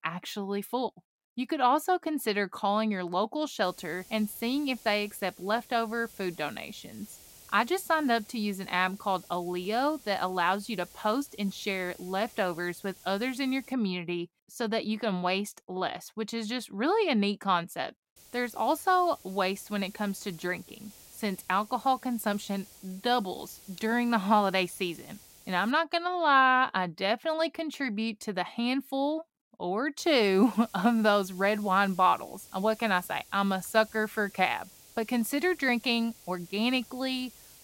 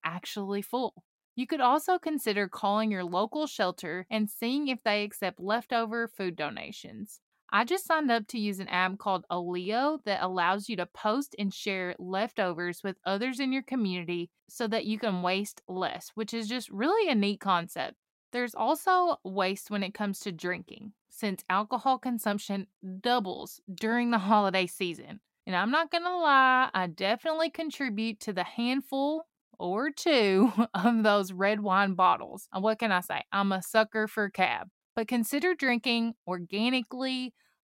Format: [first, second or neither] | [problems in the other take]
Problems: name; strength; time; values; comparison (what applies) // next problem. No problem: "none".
second | hiss; faint; from 3.5 to 14 s, from 18 to 26 s and from 30 s on; 20 dB below the speech